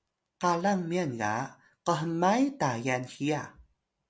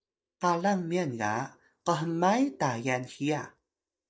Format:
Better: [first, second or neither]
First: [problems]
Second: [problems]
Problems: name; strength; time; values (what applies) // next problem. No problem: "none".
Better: first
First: none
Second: noise reduction (neural mask model DeepFilterNet 3)